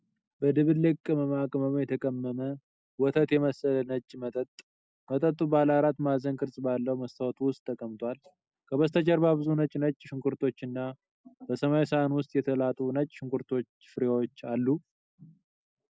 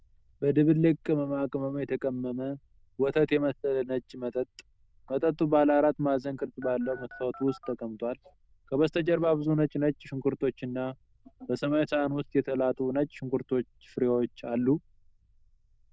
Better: first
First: none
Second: noise reduction (neural diffusion model UNIVERSE++)

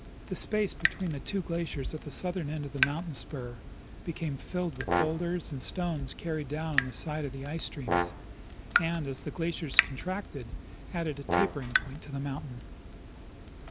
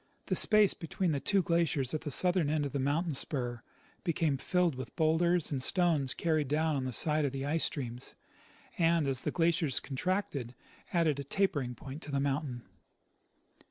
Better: second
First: background sound (Brass instrument + Drip / Water tap, faucet); 1 dB below the speech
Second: none

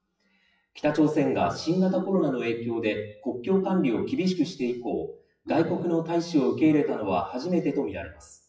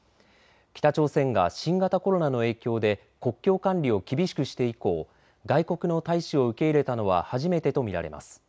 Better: second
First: noise reduction (classical method WPE with log-MMSE)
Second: none

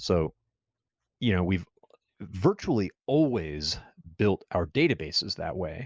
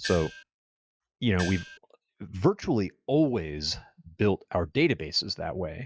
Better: first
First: none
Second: noise reduction (classical method log-MMSE)

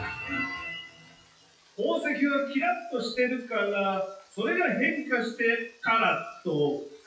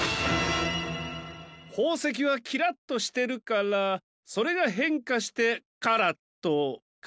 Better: second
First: noise reduction (classical method WPE with log-MMSE)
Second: none

